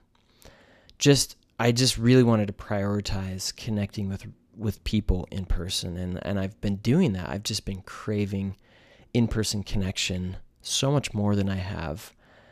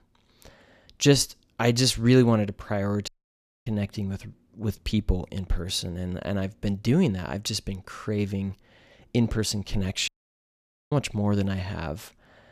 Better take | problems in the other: first | audio cutting out; at 3 s for 0.5 s and at 10 s for 1 s

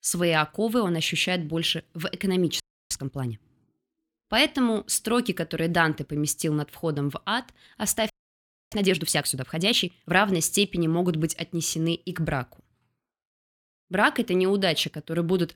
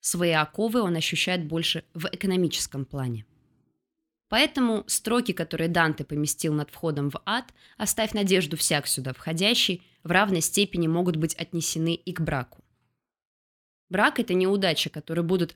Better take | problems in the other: second | audio freezing; at 2.5 s and at 8 s for 0.5 s

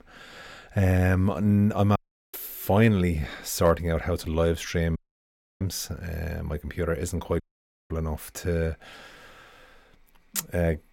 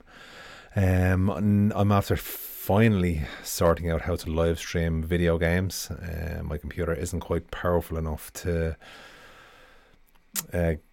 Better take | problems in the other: second | audio cutting out; at 2 s, at 5 s for 0.5 s and at 7.5 s for 0.5 s

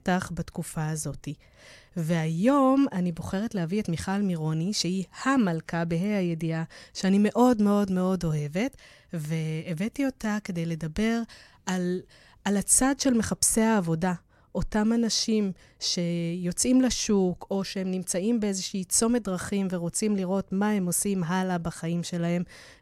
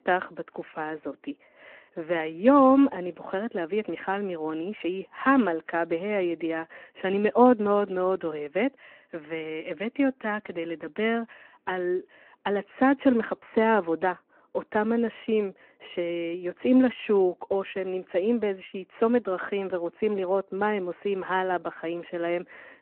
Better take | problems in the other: first | phone-call audio

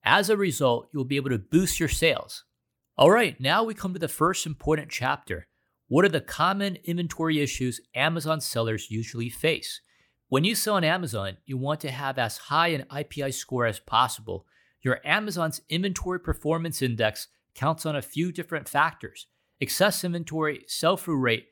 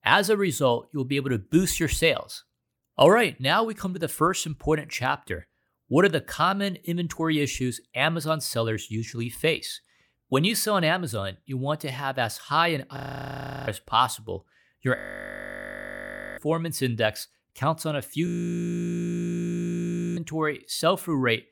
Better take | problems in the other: first | audio freezing; at 13 s for 0.5 s, at 15 s for 1.5 s and at 18 s for 2 s

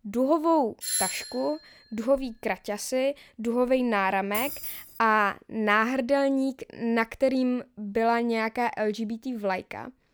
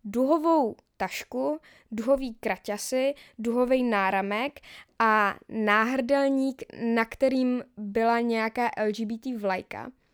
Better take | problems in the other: second | doorbell; loud; at 1 s; peak level with the speech // jangling keys; noticeable; at 4.5 s; peak 4 dB below the speech

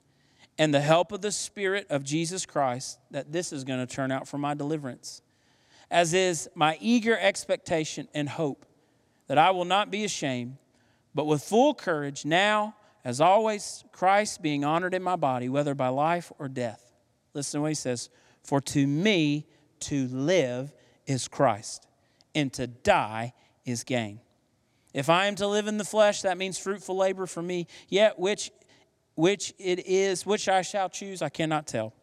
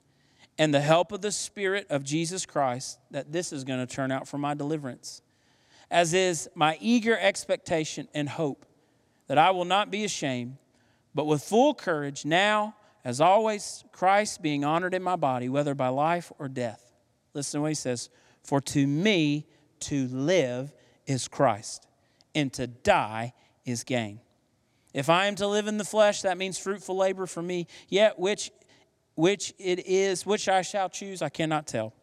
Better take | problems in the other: neither | none

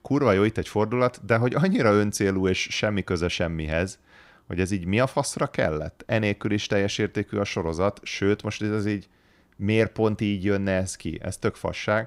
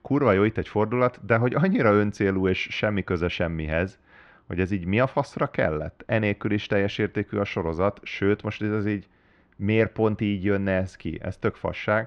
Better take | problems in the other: first | muffled; slightly; fading above 2.5 kHz

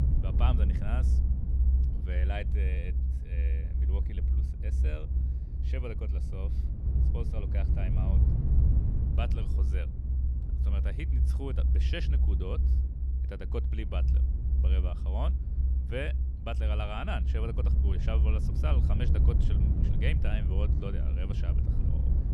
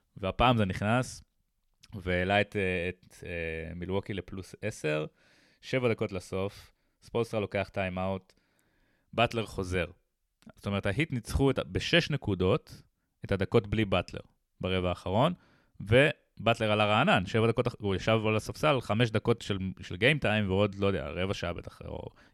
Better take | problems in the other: second | low rumble; loud; throughout; 4 dB below the speech

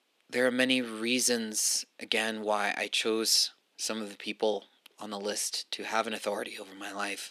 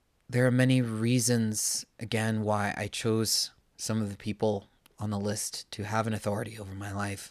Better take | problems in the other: second | thin; somewhat; fading below 250 Hz

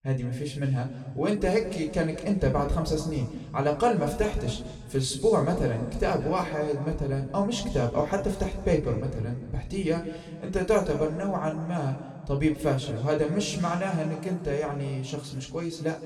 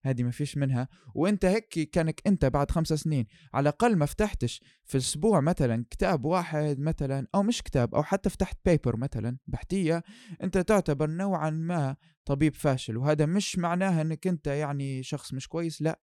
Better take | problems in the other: second | room echo; slight; dies away in 1.7 s // off-mic speech; somewhat distant

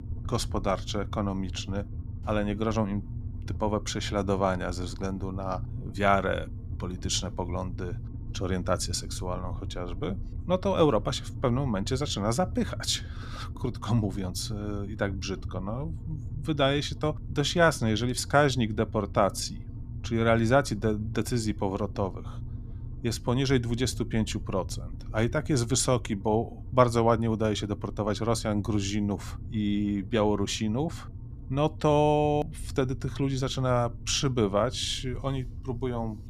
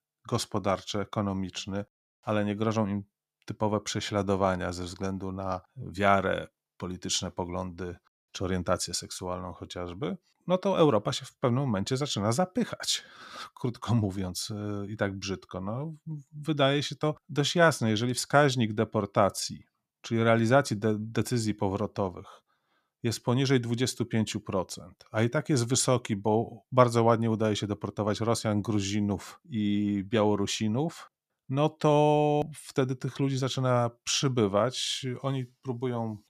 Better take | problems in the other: second | low rumble; faint; throughout; 25 dB below the speech

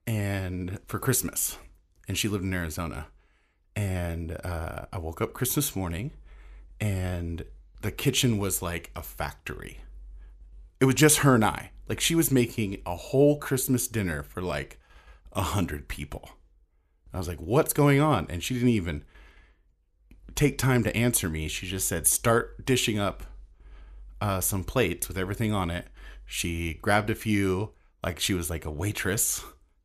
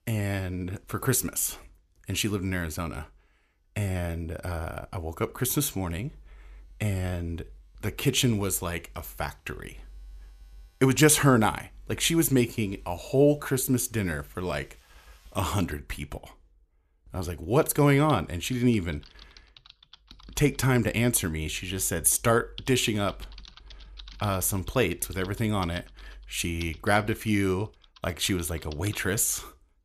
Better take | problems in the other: first | household noises; faint; throughout; 25 dB below the speech

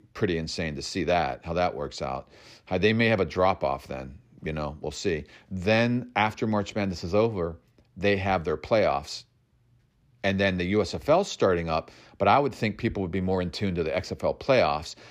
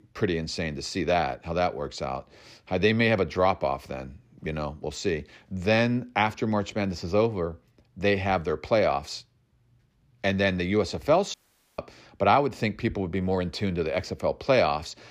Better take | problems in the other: first | audio cutting out; at 11 s

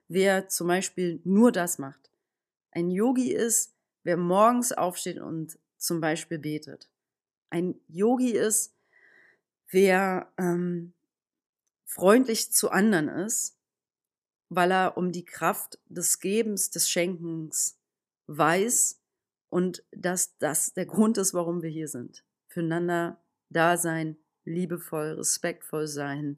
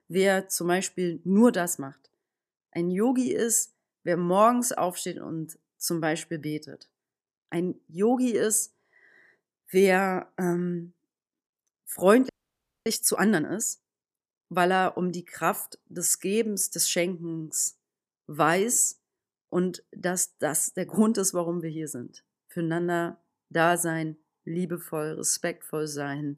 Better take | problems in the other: first | audio freezing; at 12 s for 0.5 s

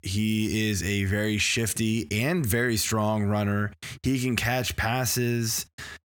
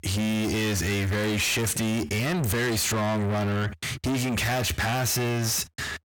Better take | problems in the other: first | distortion; heavy; 7 dB below the speech

